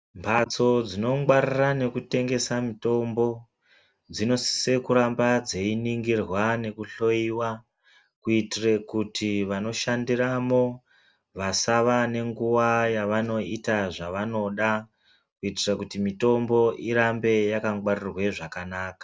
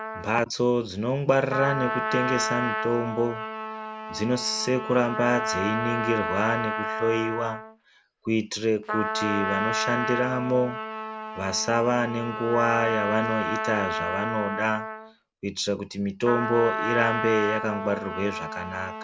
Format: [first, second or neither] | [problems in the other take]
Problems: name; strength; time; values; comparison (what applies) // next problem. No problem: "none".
first | background sound (Trumpet); 4 dB below the speech